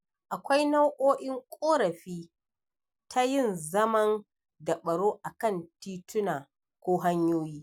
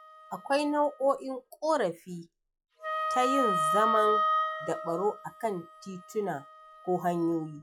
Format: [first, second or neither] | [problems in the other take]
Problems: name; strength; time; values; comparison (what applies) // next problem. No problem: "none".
first | noise reduction (classical method log-MMSE)